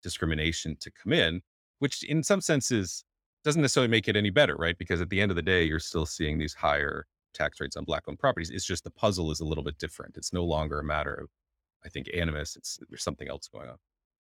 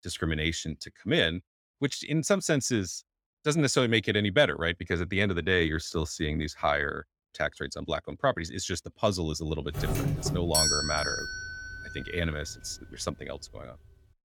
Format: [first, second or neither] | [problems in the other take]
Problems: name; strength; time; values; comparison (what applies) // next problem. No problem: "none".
first | doorbell; loud; from 9.5 to 12 s; peak 6 dB above the speech